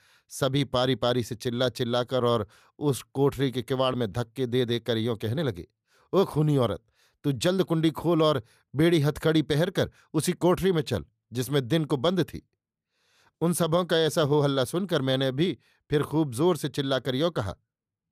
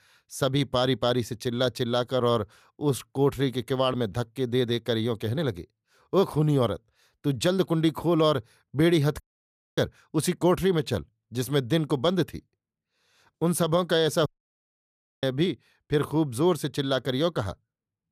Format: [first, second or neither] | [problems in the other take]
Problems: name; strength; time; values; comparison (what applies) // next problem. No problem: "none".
first | audio cutting out; at 9 s for 0.5 s and at 14 s for 1 s